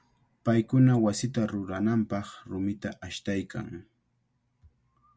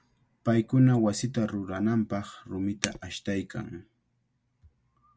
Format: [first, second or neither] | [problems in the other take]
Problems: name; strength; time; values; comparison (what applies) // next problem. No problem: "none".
first | noise reduction (neural mask model Resemble Enhance denoiser)